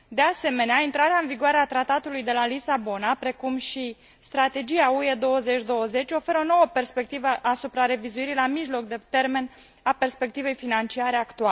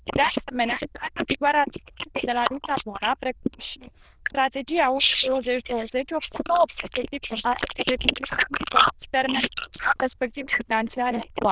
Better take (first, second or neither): first